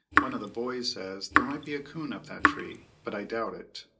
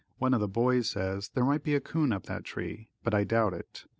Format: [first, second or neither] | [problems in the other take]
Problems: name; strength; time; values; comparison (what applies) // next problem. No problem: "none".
second | background sound (Raindrop / Drip); 5 dB above the speech // room echo; dies away in 0.2 s